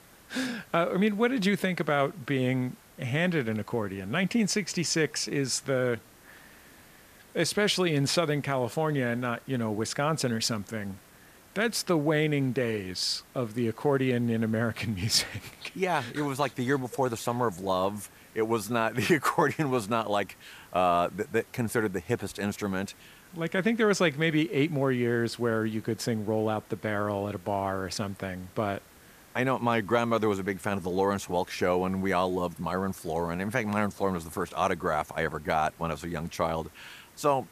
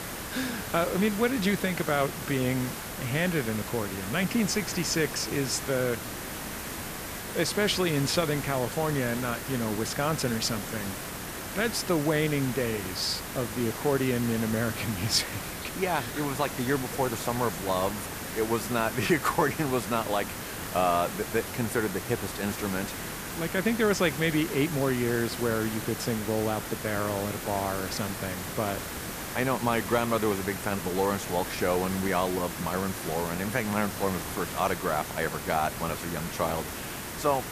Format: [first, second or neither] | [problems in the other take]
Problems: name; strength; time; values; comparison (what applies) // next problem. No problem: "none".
first | hiss; loud; throughout; 6 dB below the speech; faint in the first